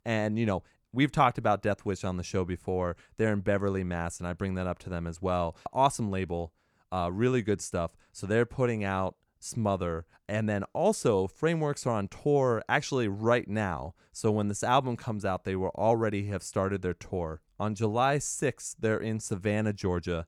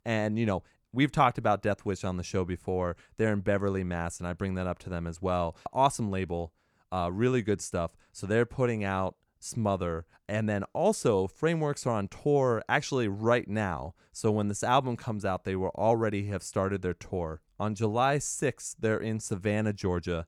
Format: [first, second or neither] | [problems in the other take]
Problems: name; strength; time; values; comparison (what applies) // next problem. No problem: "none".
neither | none